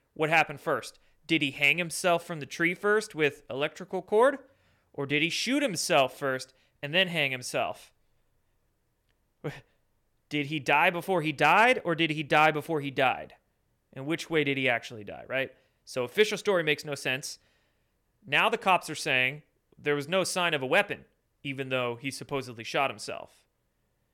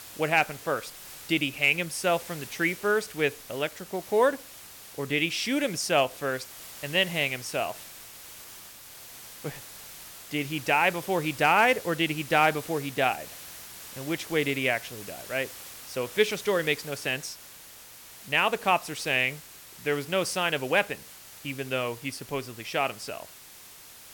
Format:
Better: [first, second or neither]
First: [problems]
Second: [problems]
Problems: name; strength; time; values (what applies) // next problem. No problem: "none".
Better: first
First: none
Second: hiss; noticeable; throughout; 15 dB below the speech